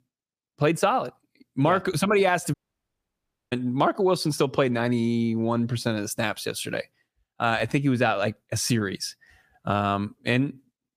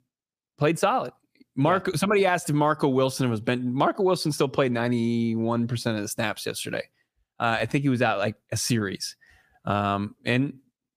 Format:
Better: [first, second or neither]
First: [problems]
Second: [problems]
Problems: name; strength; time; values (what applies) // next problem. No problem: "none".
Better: second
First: audio cutting out; at 2.5 s for 1 s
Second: none